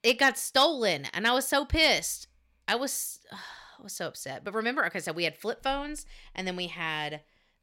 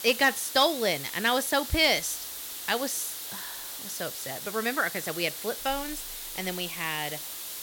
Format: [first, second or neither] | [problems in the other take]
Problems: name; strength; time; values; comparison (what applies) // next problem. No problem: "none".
first | hiss; loud; throughout; 7 dB below the speech